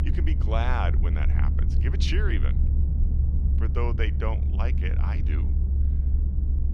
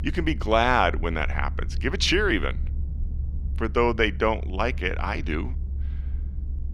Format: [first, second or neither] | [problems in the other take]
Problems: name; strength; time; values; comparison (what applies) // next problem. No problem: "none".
second | low rumble; loud; throughout; 7 dB below the speech; faint in the second